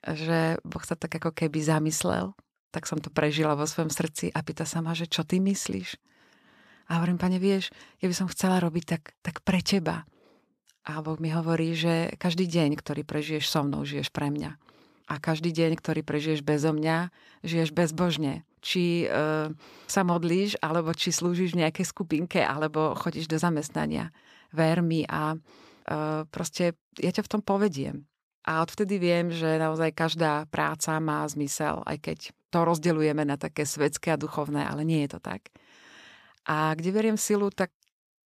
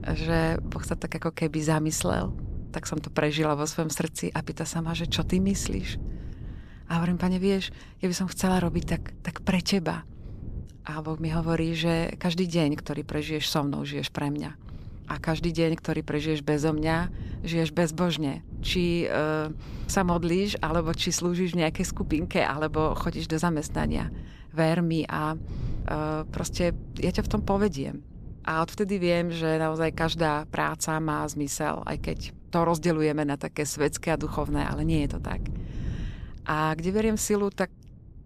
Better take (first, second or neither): first